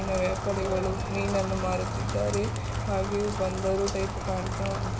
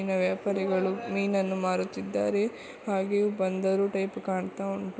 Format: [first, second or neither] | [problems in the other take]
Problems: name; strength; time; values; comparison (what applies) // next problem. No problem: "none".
second | background sound (Rain); 1 dB below the speech // room echo; dies away in 2.1 s